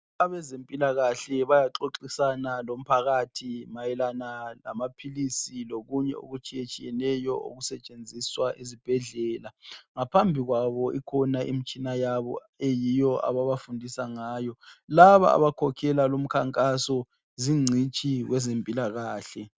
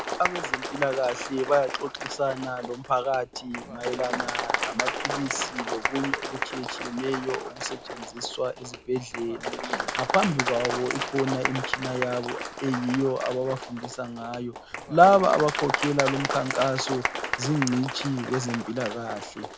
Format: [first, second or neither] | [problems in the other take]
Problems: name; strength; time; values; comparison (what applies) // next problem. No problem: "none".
first | background sound (Applause); 5 dB below the speech